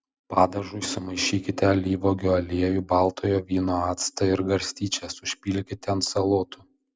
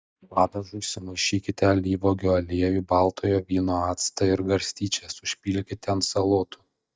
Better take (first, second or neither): first